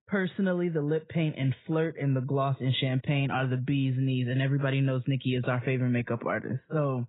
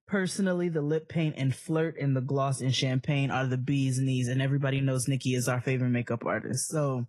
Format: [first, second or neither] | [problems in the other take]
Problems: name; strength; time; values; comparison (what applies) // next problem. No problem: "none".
second | garbled, watery; badly; nothing above 4 kHz; slightly in the second